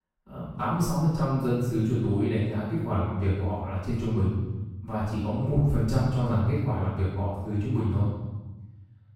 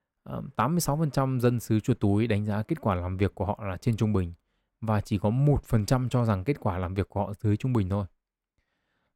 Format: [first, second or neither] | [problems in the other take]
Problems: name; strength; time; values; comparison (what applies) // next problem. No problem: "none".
second | room echo; strong; dies away in 1.4 s // off-mic speech; far